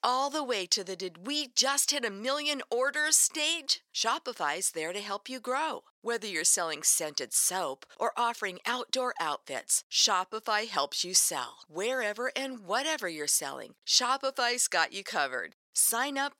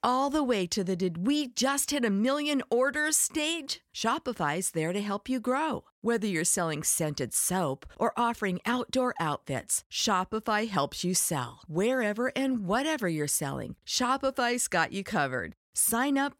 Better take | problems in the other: second | thin; somewhat; fading below 500 Hz

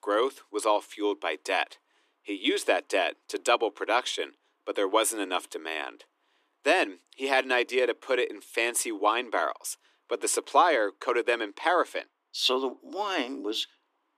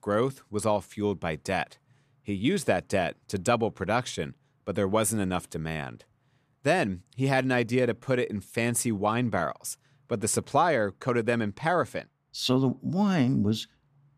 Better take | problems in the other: second | thin; very; fading below 300 Hz

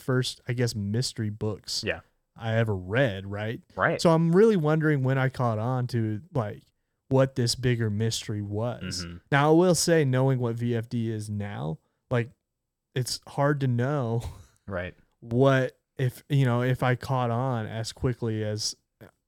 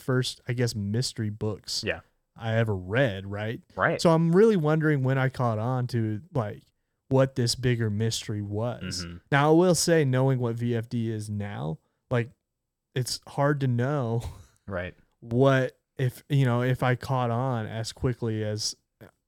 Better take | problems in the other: neither | none

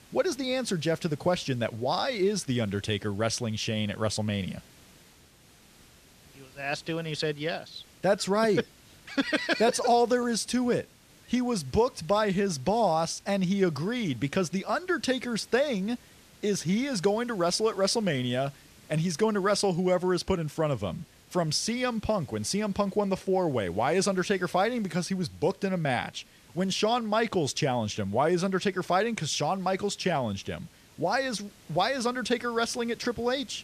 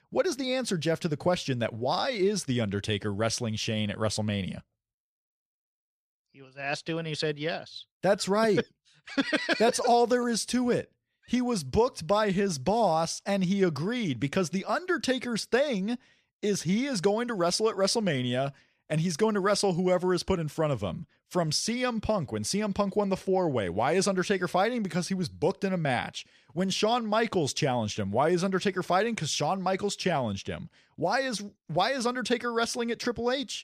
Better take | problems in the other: second | hiss; faint; throughout; 25 dB below the speech

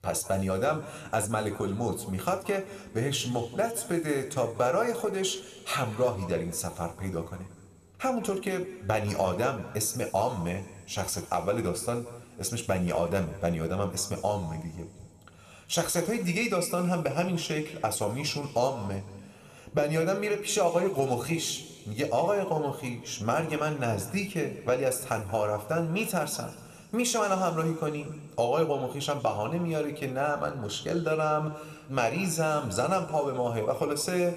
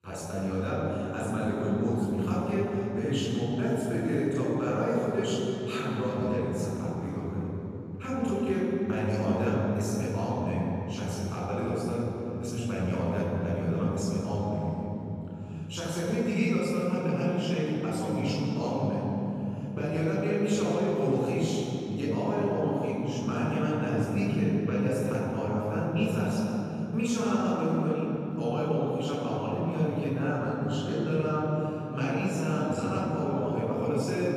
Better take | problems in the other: first | room echo; strong; dies away in 3 s; slight in the first // off-mic speech; far

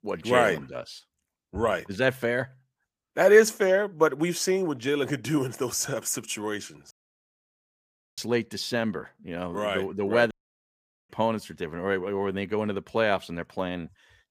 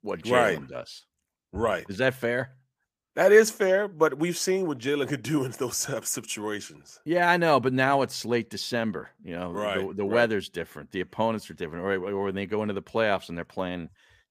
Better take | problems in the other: second | audio cutting out; at 7 s for 1.5 s and at 10 s for 1 s

